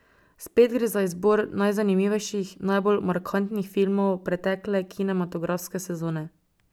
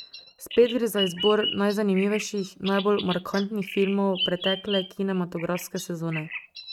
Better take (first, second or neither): first